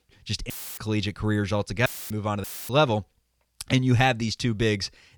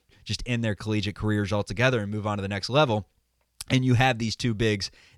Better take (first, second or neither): second